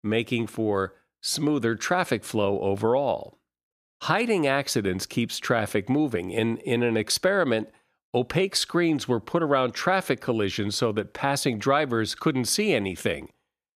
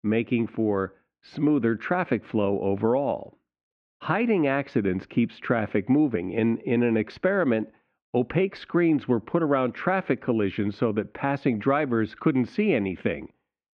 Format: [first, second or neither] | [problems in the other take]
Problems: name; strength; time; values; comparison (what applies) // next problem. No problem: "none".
first | muffled; very; fading above 2.5 kHz